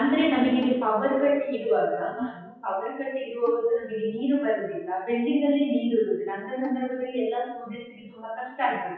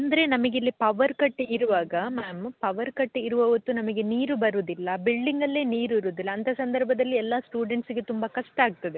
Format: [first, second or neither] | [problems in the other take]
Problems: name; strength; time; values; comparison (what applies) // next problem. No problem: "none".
second | noise reduction (classical method WPE with log-MMSE)